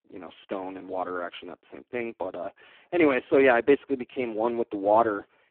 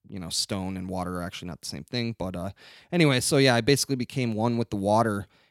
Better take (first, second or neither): second